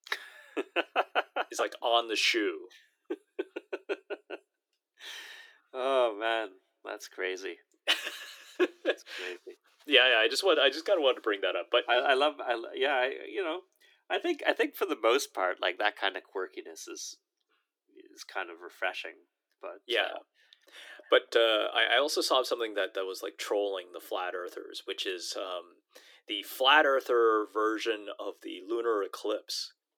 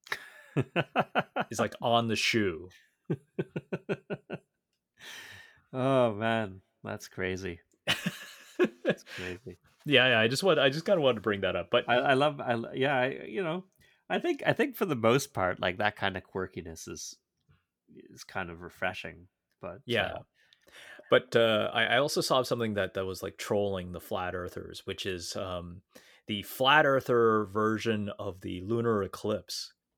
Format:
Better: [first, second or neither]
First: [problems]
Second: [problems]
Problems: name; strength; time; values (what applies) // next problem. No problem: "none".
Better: second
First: thin; very; fading below 300 Hz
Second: none